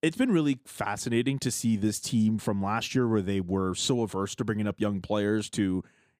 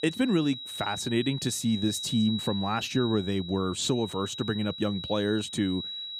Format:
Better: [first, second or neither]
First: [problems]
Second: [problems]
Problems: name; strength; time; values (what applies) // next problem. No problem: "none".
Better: first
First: none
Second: high-pitched whine; loud; throughout; 4 kHz, 8 dB below the speech